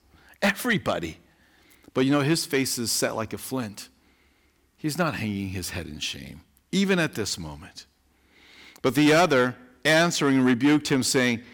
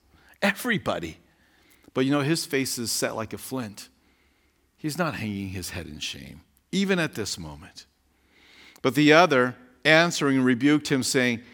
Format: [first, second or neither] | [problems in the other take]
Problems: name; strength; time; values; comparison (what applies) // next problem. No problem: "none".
second | distortion; slight; 3% of the sound clipped